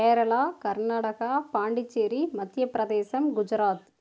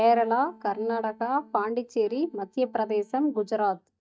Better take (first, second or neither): first